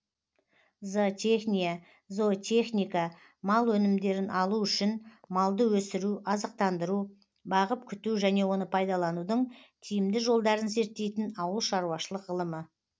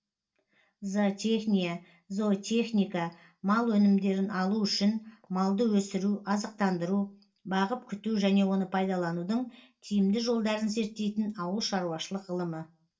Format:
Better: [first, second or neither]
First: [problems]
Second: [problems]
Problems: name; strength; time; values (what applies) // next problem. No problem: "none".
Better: first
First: none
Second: room echo; dies away in 0.2 s